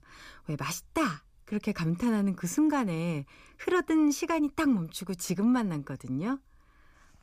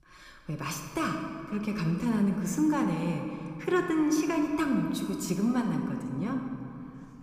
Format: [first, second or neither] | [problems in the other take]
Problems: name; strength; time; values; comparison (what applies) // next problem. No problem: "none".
first | room echo; noticeable; dies away in 2.3 s